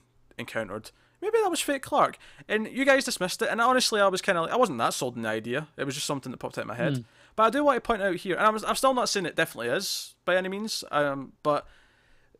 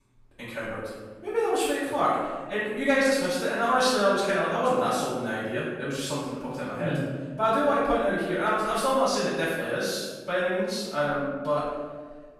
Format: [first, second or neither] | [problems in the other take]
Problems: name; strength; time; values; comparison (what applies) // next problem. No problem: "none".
first | off-mic speech; far // room echo; strong; dies away in 1.2 s